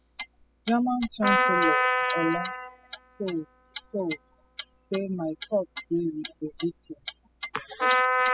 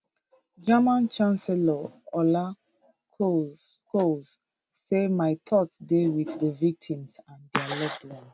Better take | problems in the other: second | noise reduction (classical method spectral subtraction)

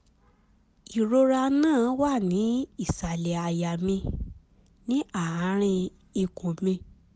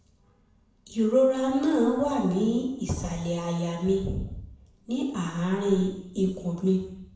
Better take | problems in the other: first | room echo; dies away in 0.8 s

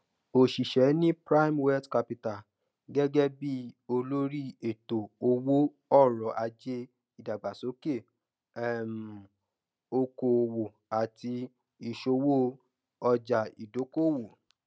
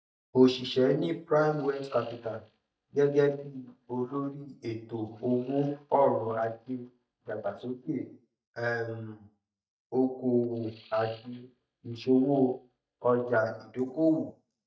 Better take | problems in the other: first | noise reduction (neural mask model DeepFilterNet 3)

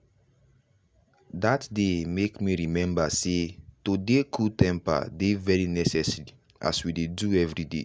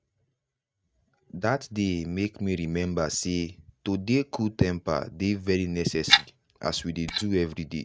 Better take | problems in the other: first | noise reduction (neural mask model RNNoise)

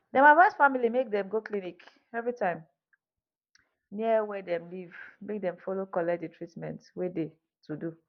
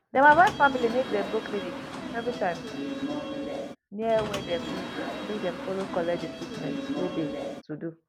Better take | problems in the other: first | background sound (Subway, metro, underground / Sliding door); 6 dB below the speech

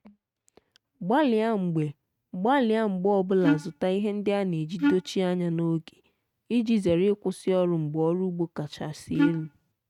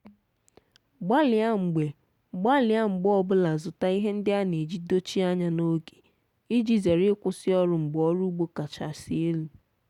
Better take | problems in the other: second | noise reduction (neural mask model RNNoise)

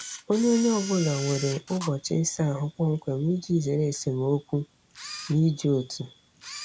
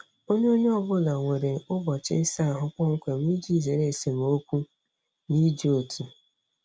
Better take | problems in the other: second | background sound (Camera); 15 dB below the speech

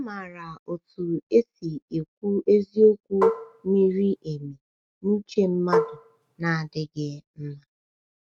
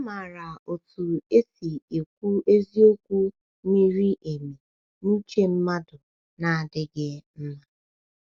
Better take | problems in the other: second | noise reduction (neural mask model RNNoise)

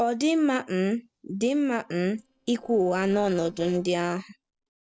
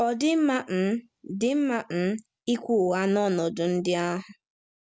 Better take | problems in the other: second | noise reduction (neural separator model SepFormer DNS4)

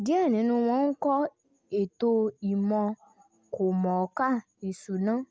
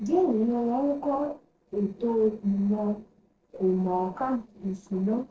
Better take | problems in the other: first | noise reduction (neural separator model SepFormer DNS4)

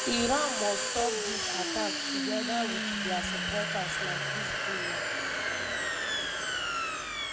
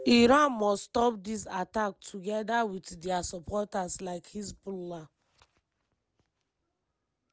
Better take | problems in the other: second | background sound (Domestic sounds, home sounds); 4 dB above the speech // room echo; dies away in 0.8 s

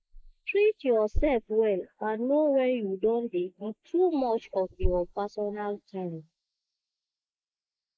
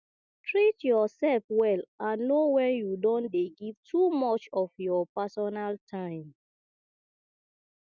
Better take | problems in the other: second | noise reduction (neural mask model Resemble Enhance denoiser)

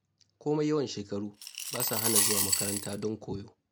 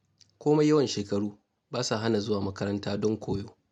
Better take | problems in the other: second | background sound (Coin (dropping) / Glass); 3 dB above the speech

